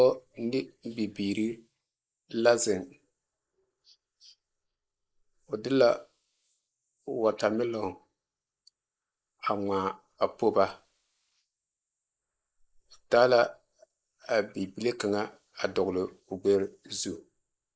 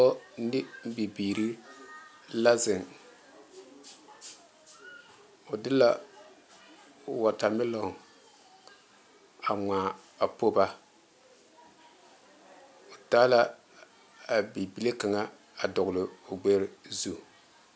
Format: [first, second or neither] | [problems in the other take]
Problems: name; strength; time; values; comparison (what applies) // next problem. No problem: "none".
second | noise reduction (neural mask model Resemble Enhance denoiser)